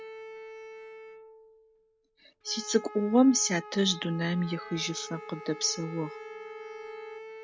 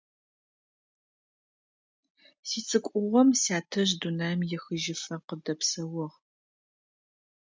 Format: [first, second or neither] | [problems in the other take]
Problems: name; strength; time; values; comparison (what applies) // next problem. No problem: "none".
second | background sound (Bowed string instrument + Wind instrument, woodwind instrument); 13 dB below the speech